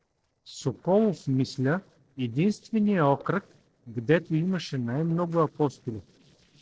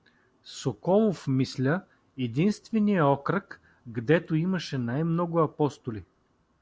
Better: second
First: noise reduction (neural separator model SepFormer DNS4)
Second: none

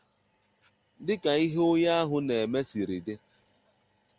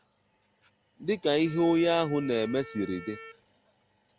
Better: first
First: none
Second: background sound (Wind instrument, woodwind instrument); 19 dB below the speech

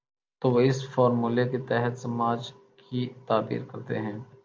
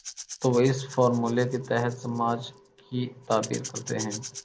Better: first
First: none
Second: background sound (Rattle / Rattle (instrument)); 15 dB below the speech

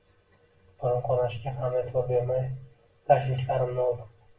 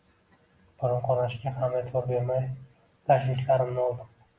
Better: second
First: room echo; dies away in 0.1 s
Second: none

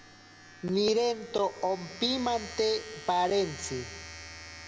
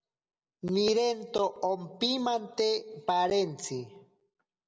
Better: second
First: background sound (Domestic sounds, home sounds); 15 dB below the speech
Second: none

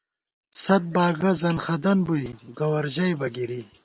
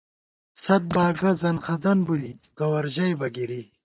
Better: first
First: none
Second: noise reduction (neural mask model DeepFilterNet 3)

